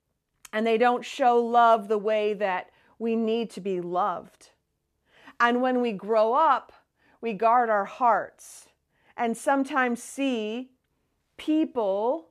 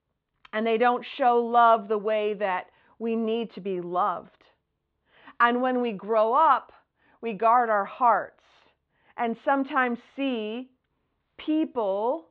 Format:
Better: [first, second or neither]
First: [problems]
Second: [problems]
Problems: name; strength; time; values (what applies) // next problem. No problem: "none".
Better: first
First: none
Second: muffled; slightly; fading above 3.5 kHz